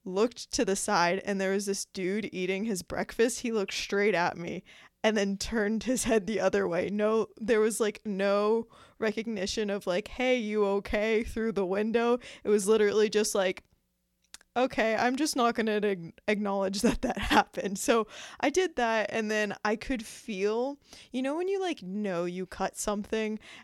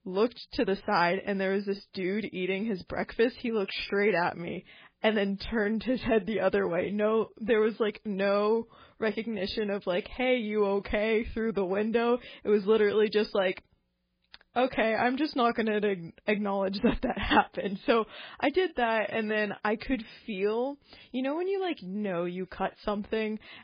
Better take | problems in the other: first | garbled, watery; badly; nothing above 5 kHz

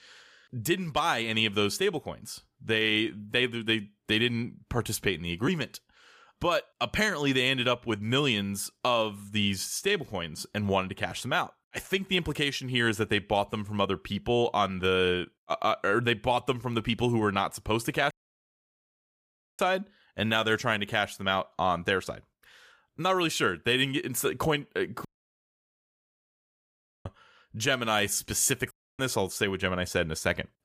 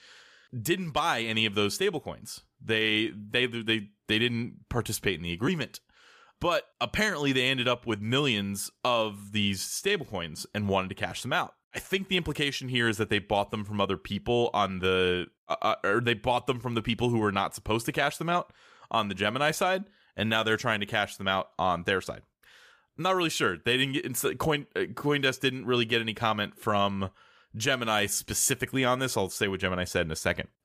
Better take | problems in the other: second | audio cutting out; at 18 s for 1.5 s, at 25 s for 2 s and at 29 s

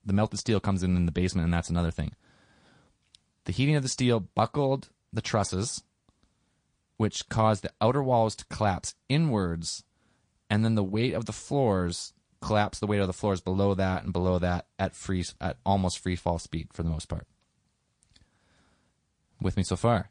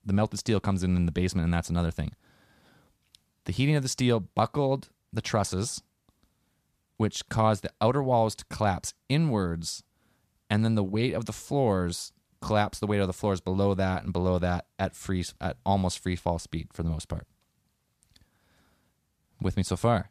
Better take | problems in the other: second | garbled, watery; slightly; nothing above 9 kHz

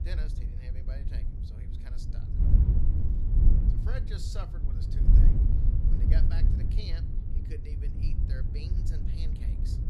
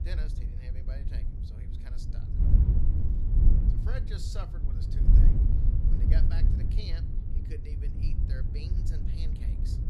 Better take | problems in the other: neither | wind noise on the microphone; heavy; 2 dB above the speech; the same in both

